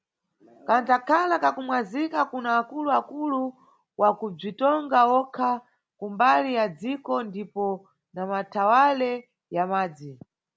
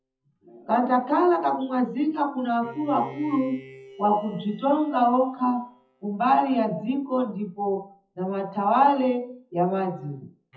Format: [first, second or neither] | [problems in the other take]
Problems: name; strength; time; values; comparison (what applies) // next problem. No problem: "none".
first | noise reduction (classical method WPE with log-MMSE)